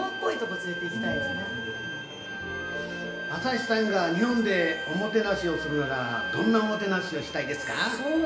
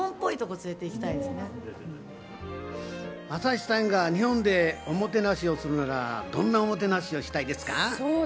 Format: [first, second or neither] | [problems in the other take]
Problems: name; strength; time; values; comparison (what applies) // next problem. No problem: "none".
second | background sound (Bowed string instrument); 6 dB below the speech // room echo; dies away in 0.6 s